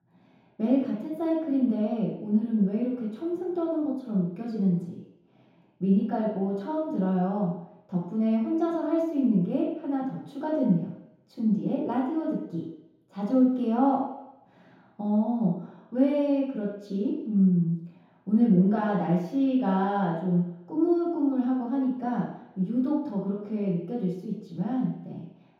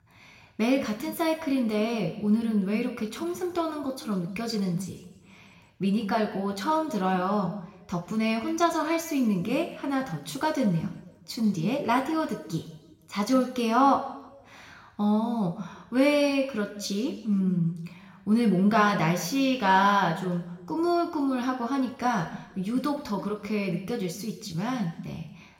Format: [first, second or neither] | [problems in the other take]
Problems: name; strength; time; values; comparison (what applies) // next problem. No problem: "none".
second | room echo; strong; dies away in 0.8 s; slight in the second // off-mic speech; far; somewhat distant in the second